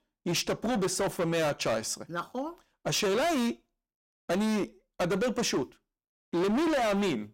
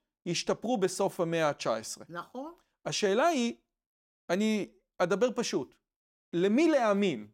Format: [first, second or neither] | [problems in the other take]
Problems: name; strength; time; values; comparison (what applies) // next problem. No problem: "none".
second | distortion; heavy; 21% of the sound clipped